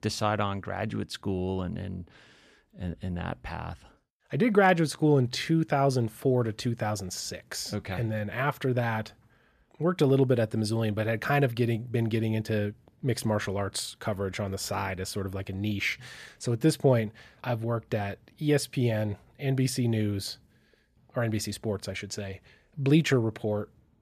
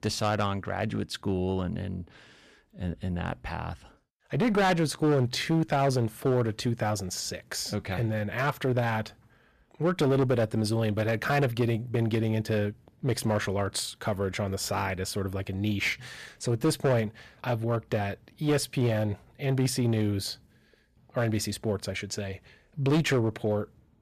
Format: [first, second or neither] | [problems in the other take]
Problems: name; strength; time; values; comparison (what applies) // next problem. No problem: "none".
first | distortion; slight; 8% of the sound clipped